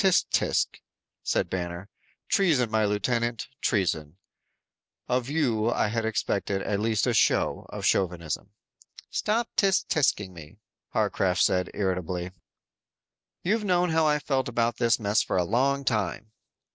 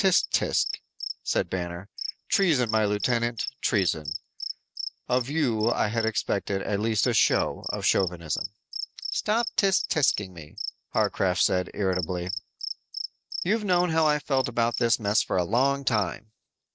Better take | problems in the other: first | background sound (Cricket); 10 dB below the speech

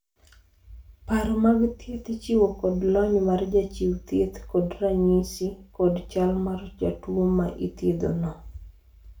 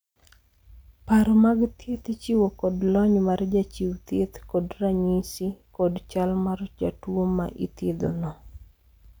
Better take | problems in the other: second | room echo; dies away in 0.3 s

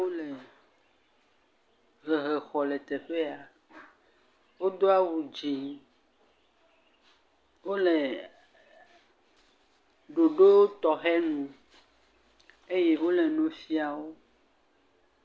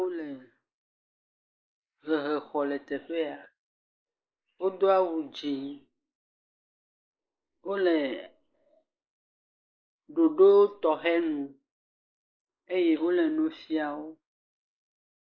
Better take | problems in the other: first | noise reduction (neural mask model Resemble Enhance denoiser)

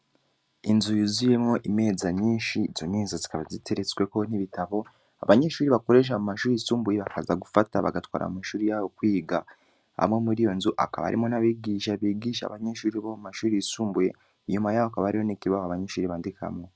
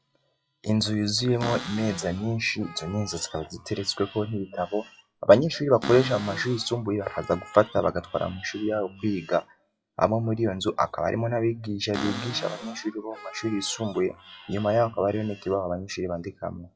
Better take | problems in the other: first | noise reduction (classical method WPE with log-MMSE)

